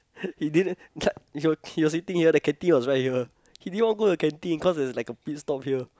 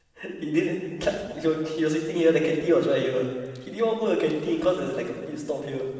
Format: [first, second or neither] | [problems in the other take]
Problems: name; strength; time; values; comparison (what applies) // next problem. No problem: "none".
first | room echo; dies away in 1.6 s